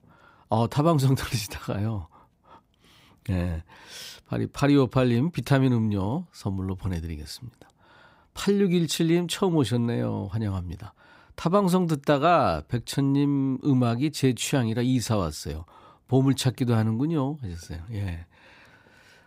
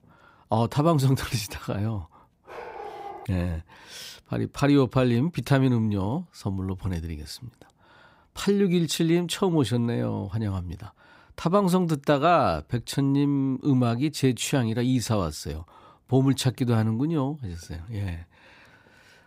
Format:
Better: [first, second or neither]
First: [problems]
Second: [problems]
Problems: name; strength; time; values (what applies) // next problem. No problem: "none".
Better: first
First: none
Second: dog barking; faint; at 2.5 s; peak 15 dB below the speech